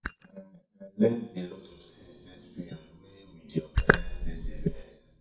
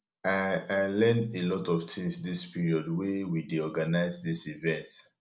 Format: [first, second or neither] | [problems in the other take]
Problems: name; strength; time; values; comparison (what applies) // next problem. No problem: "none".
second | noise reduction (neural mask model DeepFilterNet 3)